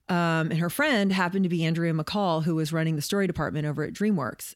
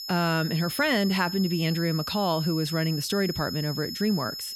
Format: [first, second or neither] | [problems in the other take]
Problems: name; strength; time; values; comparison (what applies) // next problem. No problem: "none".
first | high-pitched whine; loud; throughout; 5 kHz, 7 dB below the speech